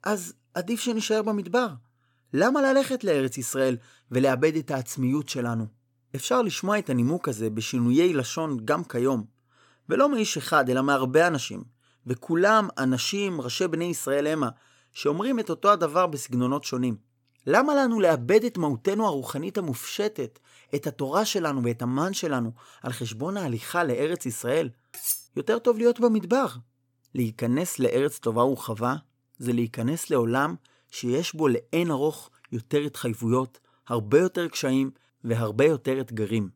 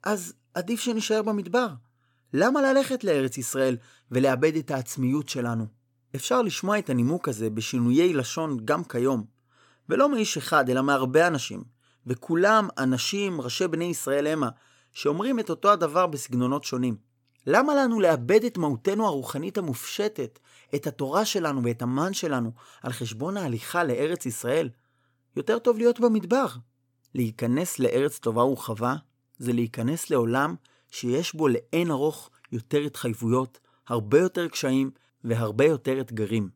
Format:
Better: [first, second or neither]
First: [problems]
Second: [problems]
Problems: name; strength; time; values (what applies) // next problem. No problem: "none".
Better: second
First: clattering dishes; noticeable; at 25 s; peak 2 dB below the speech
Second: none